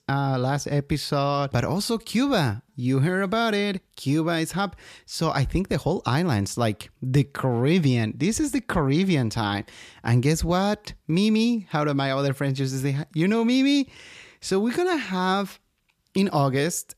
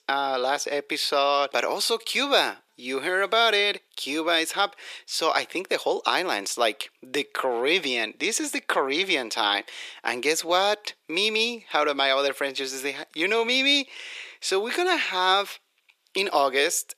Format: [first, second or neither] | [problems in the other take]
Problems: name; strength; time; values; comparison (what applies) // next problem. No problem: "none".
first | thin; very; fading below 400 Hz